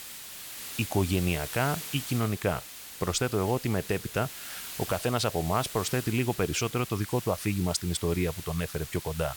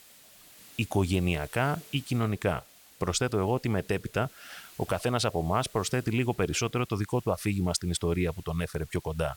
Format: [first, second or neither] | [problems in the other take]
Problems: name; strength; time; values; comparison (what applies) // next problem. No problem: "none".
second | hiss; loud; throughout; 9 dB below the speech; faint in the second